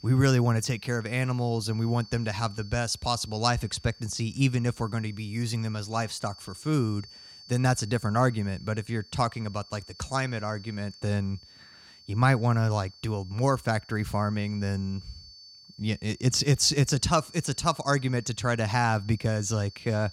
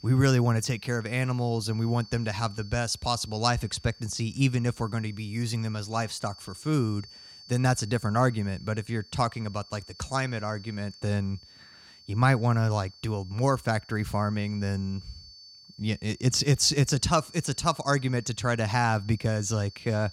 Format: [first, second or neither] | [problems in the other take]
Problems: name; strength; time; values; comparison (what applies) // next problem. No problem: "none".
neither | high-pitched whine; faint; throughout; 4.5 kHz, 20 dB below the speech; the same in both